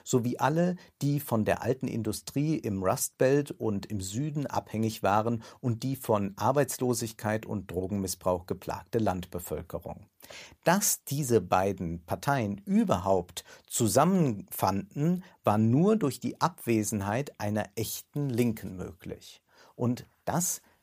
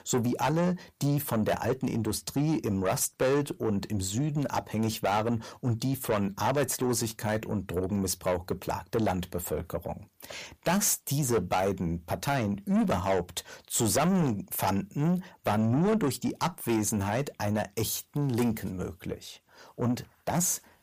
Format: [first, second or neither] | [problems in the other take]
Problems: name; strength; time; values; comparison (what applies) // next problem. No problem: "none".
first | distortion; heavy; 8 dB below the speech